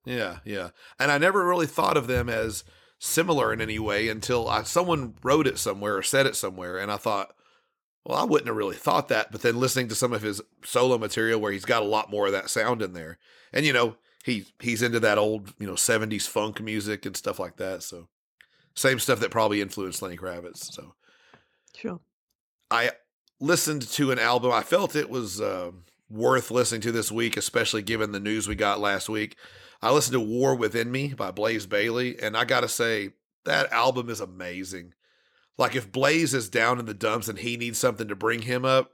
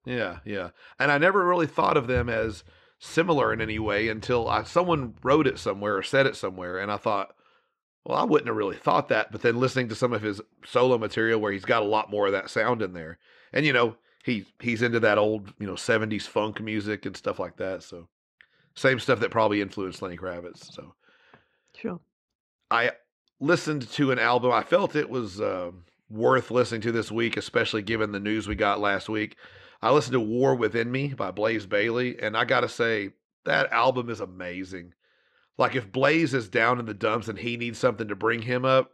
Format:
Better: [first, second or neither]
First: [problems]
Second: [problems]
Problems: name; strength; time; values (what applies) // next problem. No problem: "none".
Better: first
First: none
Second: muffled; slightly; fading above 3 kHz